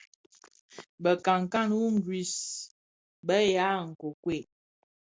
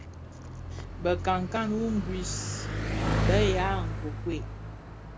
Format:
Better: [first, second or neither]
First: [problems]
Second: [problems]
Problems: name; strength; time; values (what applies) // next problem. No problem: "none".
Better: first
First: none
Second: background sound (Bicycle); as loud as the speech